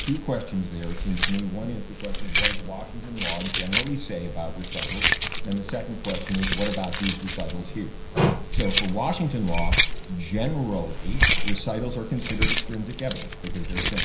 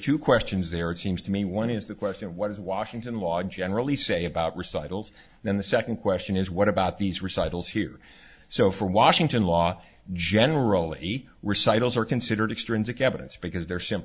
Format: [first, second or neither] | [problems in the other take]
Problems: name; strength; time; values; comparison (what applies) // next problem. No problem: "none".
second | background sound (Keys jangling); 4 dB above the speech // room echo; dies away in 0.5 s